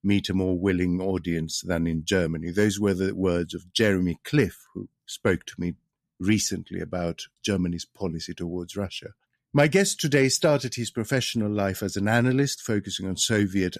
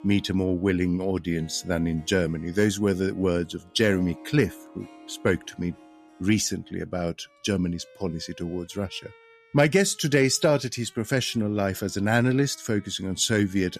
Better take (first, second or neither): first